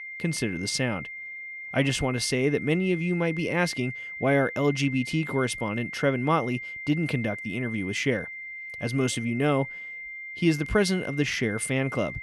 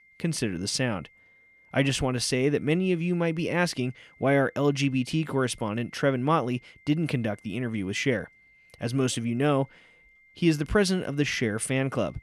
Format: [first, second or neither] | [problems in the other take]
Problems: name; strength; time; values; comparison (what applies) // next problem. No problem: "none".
second | high-pitched whine; loud; throughout; 2 kHz, 9 dB below the speech; faint in the second